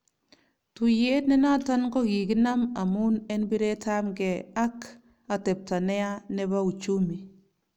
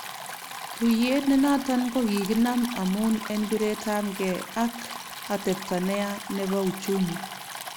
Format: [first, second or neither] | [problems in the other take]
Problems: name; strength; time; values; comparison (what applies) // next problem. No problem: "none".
first | background sound (Stream); 11 dB below the speech